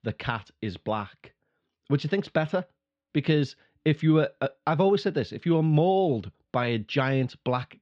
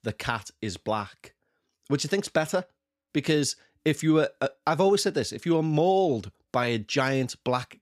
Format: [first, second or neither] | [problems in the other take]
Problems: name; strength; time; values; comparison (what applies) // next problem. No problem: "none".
second | muffled; slightly; fading above 3.5 kHz